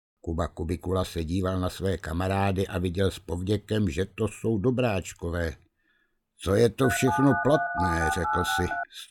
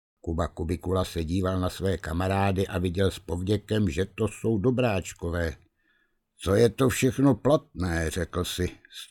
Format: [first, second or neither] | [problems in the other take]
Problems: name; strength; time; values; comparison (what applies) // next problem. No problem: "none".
second | phone ringing; loud; from 7 s on; peak level with the speech